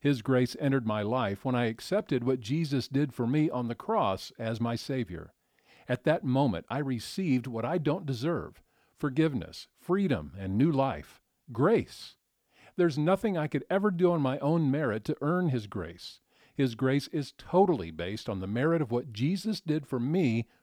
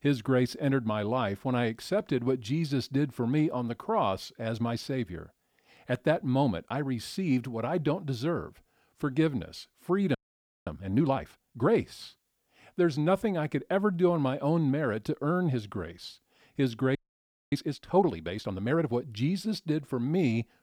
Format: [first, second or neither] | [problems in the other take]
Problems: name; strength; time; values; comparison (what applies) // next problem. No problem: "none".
first | audio freezing; at 10 s for 0.5 s and at 17 s for 0.5 s